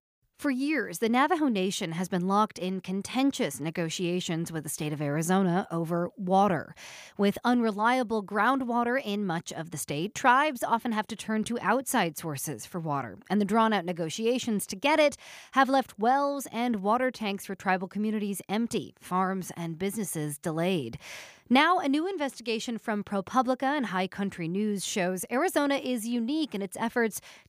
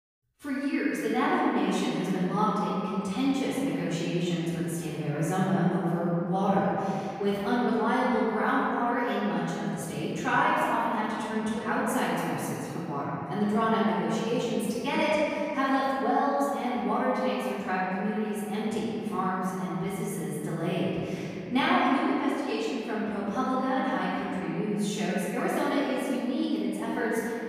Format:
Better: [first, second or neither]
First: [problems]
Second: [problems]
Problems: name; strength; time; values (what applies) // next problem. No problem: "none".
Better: first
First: none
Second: room echo; strong; dies away in 2.6 s // off-mic speech; far